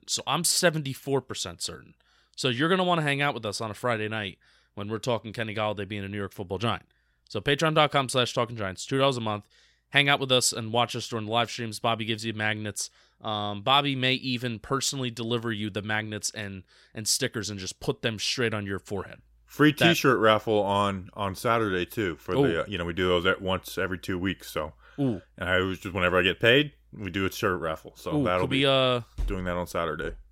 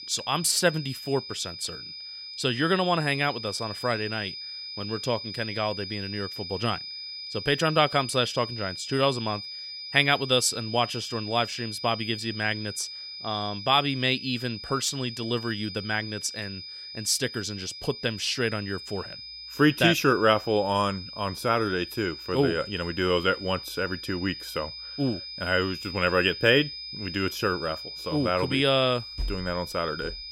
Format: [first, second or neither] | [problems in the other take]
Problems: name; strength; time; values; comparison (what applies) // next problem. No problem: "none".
first | high-pitched whine; loud; throughout; 5 kHz, 10 dB below the speech